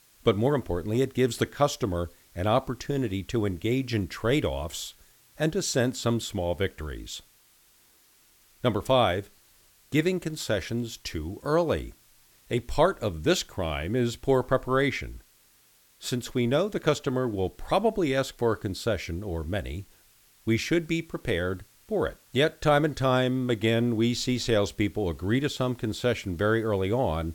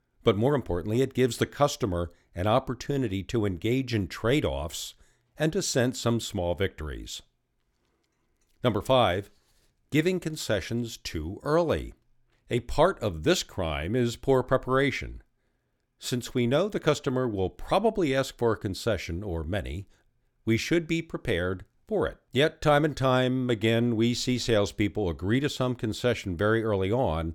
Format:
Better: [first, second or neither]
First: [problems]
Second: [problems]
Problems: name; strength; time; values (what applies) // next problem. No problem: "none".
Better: second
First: hiss; faint; throughout; 30 dB below the speech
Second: none